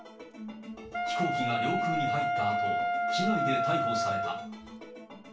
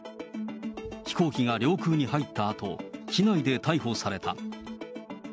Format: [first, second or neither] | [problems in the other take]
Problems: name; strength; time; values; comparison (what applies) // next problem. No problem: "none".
second | background sound (Wind instrument, woodwind instrument); 4 dB above the speech // room echo; dies away in 0.3 s